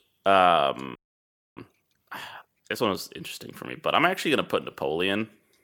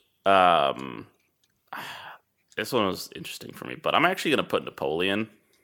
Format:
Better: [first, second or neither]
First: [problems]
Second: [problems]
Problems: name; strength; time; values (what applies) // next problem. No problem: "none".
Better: second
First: audio freezing; at 1 s for 0.5 s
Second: none